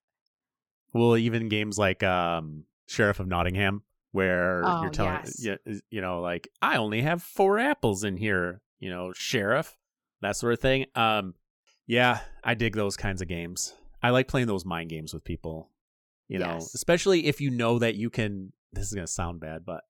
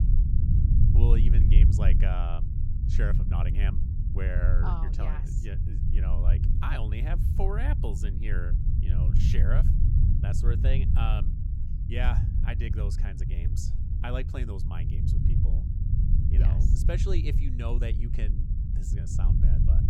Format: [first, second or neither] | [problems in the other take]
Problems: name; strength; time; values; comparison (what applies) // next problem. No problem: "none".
first | low rumble; loud; throughout; 3 dB below the speech